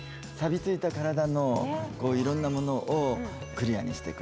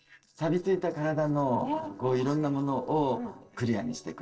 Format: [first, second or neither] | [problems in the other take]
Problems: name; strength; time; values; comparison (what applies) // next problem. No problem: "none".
first | noise reduction (neural separator model SepFormer DNS4)